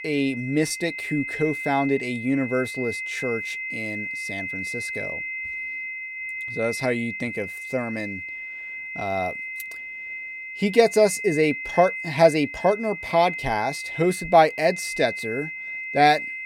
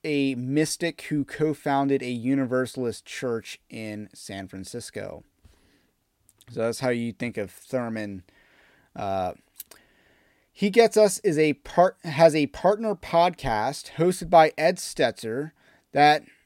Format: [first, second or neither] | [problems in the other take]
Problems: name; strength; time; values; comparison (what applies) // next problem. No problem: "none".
second | high-pitched whine; loud; throughout; 2 kHz, 7 dB below the speech